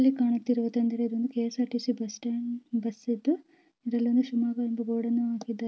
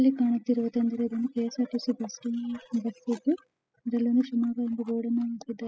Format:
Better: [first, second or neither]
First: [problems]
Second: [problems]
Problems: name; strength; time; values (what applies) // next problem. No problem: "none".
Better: first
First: none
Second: noise reduction (classical method spectral subtraction)